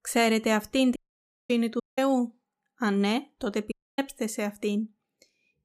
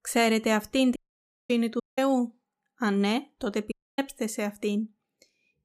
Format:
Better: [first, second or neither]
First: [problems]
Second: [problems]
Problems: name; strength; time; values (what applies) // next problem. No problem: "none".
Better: neither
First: audio cutting out; at 1 s for 0.5 s, at 2 s and at 3.5 s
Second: audio cutting out; at 1 s for 0.5 s, at 2 s and at 3.5 s